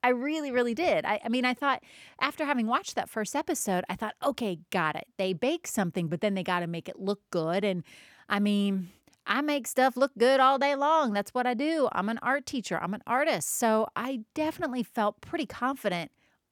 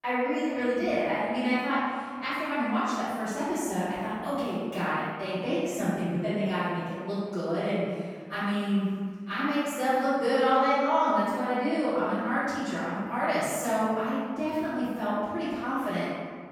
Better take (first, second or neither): first